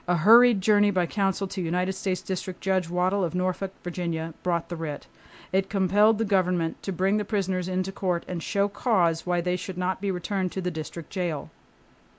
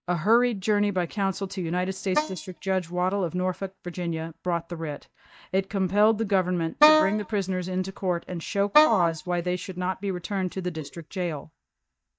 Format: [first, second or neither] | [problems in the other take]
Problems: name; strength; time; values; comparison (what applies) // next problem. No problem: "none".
first | noise reduction (neural mask model DeepFilterNet 3)